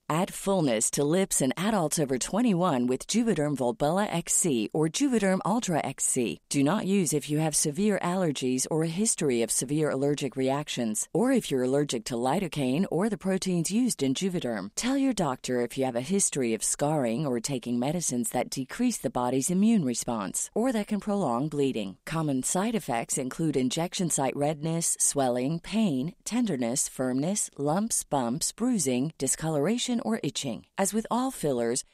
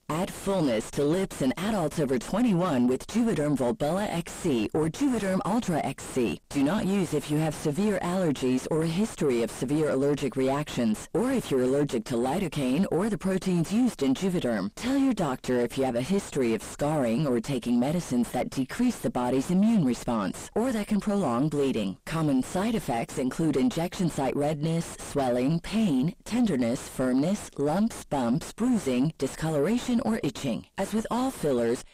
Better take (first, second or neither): first